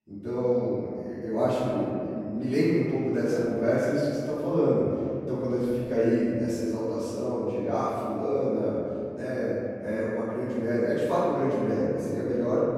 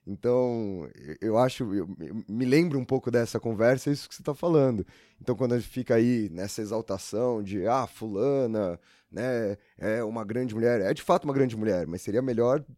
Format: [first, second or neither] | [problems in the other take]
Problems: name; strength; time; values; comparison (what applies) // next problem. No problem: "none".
second | room echo; strong; dies away in 2.4 s // off-mic speech; far